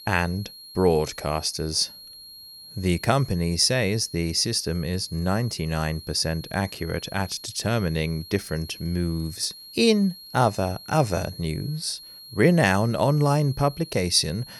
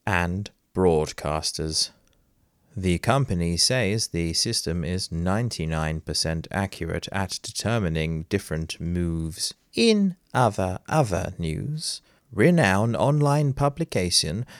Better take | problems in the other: second | high-pitched whine; noticeable; throughout; 4.5 kHz, 15 dB below the speech

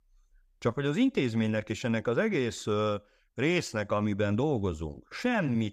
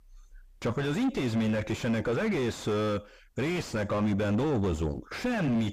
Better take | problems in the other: first | distortion; heavy; 5 dB below the speech

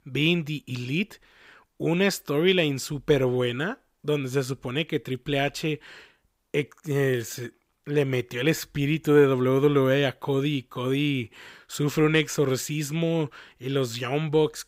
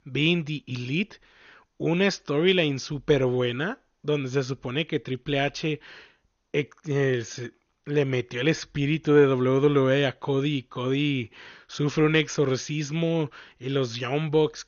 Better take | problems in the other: first | garbled, watery; slightly; nothing above 6.5 kHz

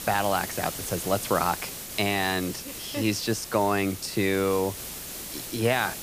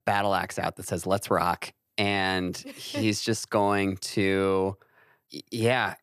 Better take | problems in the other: second | hiss; loud; throughout; 8 dB below the speech

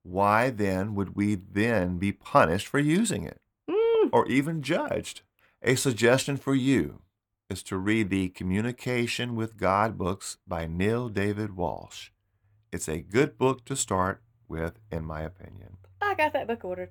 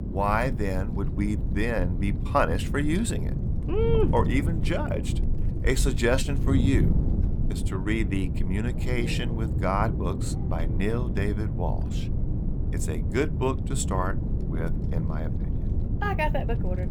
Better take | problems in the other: first | wind noise on the microphone; heavy; 10 dB below the speech

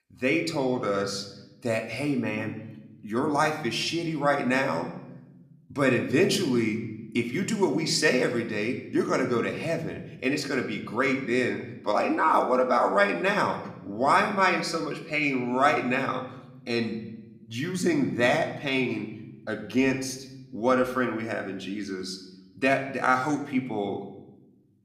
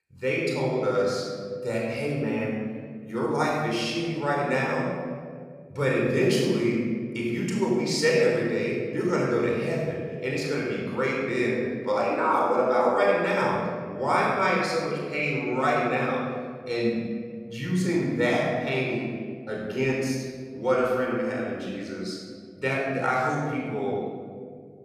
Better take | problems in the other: first | room echo; strong; dies away in 1.9 s; slight in the first // off-mic speech; far

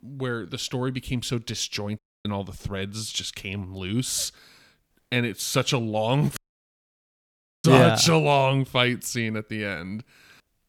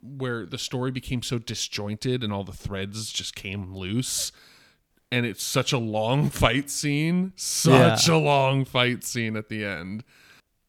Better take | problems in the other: second | audio cutting out; at 2 s and at 6.5 s for 1.5 s

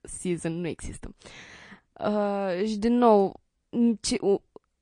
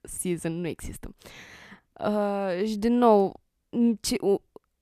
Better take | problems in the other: second | garbled, watery; slightly; nothing above 9 kHz

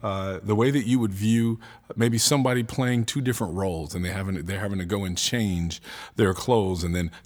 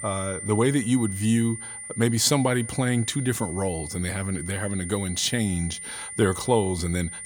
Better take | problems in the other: first | high-pitched whine; loud; throughout; 9 kHz, 9 dB below the speech

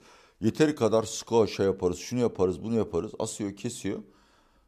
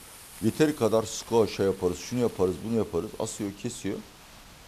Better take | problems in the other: first | hiss; noticeable; throughout; 20 dB below the speech

